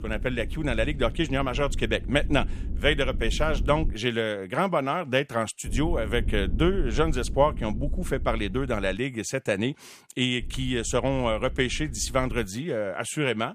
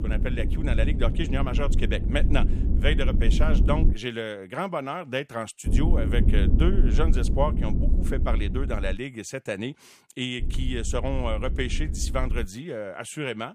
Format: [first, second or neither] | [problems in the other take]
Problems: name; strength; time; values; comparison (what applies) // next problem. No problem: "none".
first | low rumble; loud; until 4 s, from 5.5 to 9 s and from 10 to 12 s; 8 dB below the speech; faint in the first